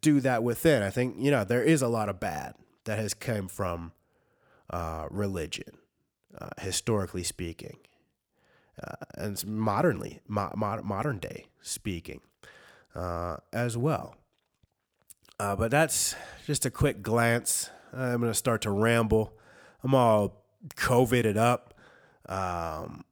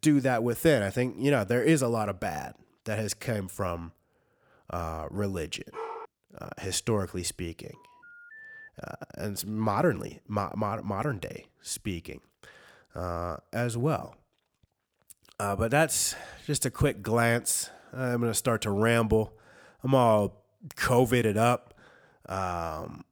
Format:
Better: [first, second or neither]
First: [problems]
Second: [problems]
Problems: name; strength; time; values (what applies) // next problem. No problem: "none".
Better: first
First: none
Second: dog barking; faint; at 5.5 s; peak 10 dB below the speech // phone ringing; faint; at 8 s; peak 15 dB below the speech